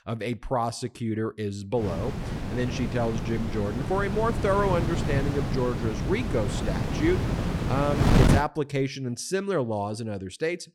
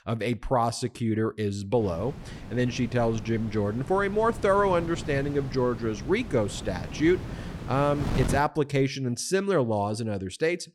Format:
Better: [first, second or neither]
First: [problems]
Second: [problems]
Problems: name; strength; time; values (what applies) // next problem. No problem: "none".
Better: second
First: wind noise on the microphone; heavy; from 2 to 8.5 s; 3 dB below the speech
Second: wind noise on the microphone; occasional gusts; from 2 to 8.5 s; 15 dB below the speech